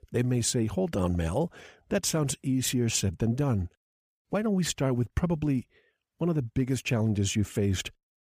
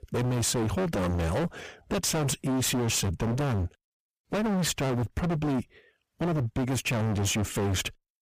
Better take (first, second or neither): first